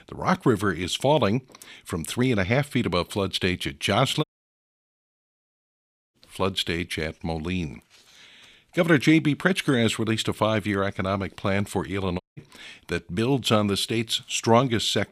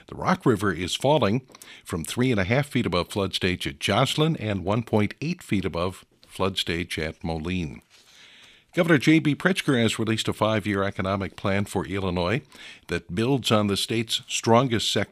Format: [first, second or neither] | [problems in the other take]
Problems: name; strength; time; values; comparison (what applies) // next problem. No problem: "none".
second | audio cutting out; at 4 s for 2 s and at 12 s